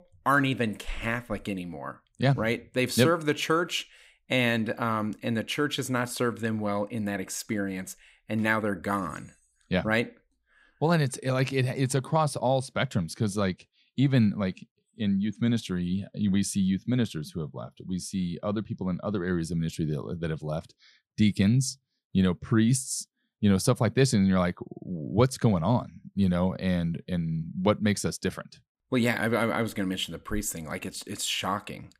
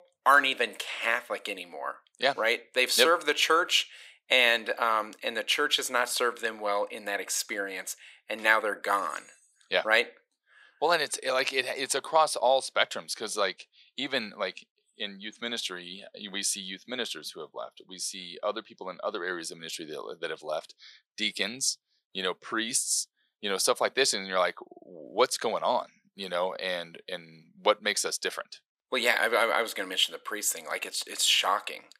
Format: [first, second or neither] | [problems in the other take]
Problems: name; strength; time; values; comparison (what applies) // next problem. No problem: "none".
first | thin; very; fading below 500 Hz